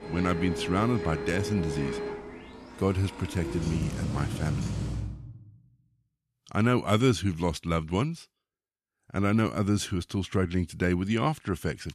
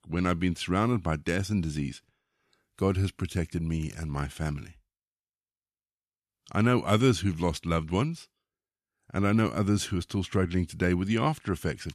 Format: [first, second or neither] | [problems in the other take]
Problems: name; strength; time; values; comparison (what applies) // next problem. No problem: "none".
second | household noises; loud; until 5 s; 6 dB below the speech